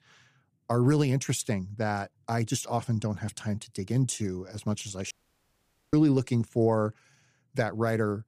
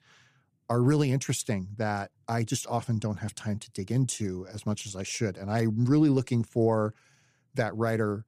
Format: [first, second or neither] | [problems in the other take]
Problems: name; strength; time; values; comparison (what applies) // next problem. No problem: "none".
second | audio cutting out; at 5 s for 1 s